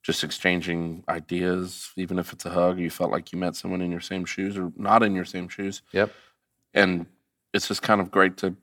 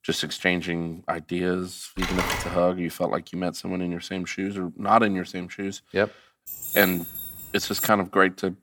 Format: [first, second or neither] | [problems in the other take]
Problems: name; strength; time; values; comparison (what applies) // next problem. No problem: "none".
first | phone ringing; noticeable; at 2 s; peak level with the speech // jangling keys; noticeable; from 6.5 to 8 s; peak 1 dB below the speech